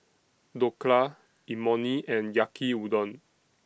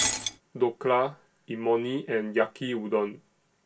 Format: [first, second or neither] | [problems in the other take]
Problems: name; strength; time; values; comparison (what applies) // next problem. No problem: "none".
first | background sound (Shatter); 8 dB below the speech // room echo; dies away in 0.2 s